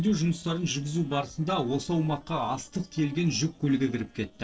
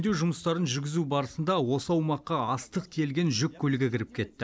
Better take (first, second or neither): second